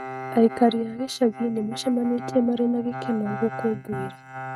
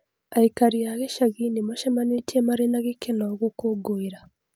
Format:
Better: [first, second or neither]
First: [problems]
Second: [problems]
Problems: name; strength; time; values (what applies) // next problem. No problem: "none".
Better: second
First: noise reduction (neural mask model RNNoise)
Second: none